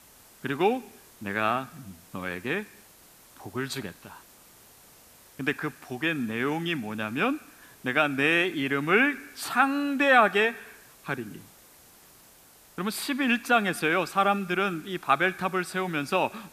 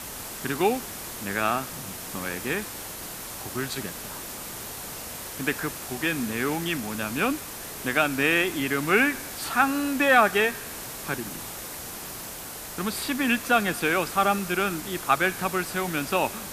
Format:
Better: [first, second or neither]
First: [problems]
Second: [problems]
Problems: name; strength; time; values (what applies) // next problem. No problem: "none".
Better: first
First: hiss; faint; throughout; 25 dB below the speech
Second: hiss; loud; throughout; 9 dB below the speech